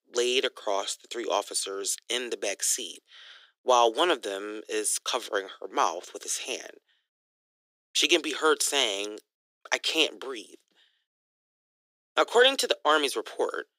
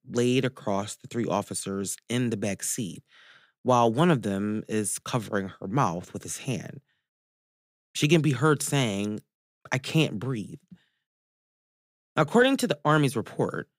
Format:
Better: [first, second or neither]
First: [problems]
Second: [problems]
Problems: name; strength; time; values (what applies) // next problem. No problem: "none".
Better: second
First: thin; very; fading below 350 Hz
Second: none